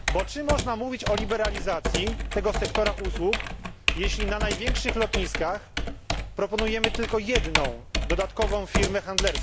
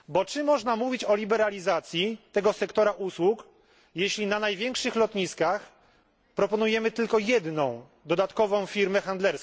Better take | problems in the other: second | background sound (Computer keyboard); 1 dB above the speech

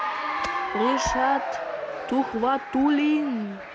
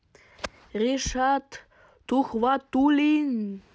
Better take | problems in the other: second | background sound (Applause / Cheering); 4 dB below the speech

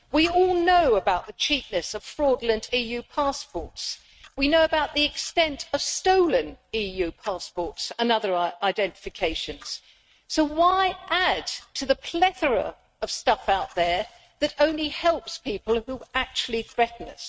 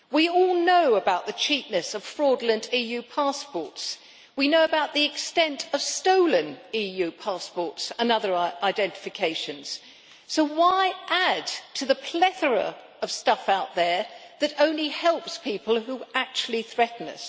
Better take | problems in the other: second | noise reduction (neural mask model RNNoise)

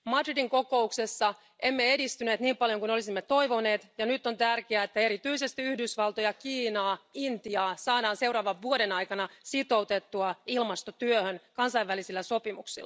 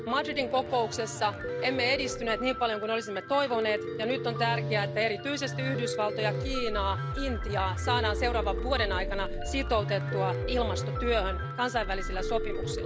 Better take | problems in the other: first | background sound (Musical instrument + Piano); 2 dB below the speech

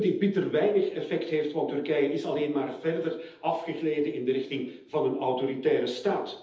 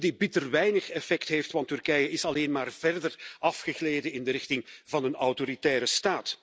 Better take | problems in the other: second | room echo; dies away in 0.8 s

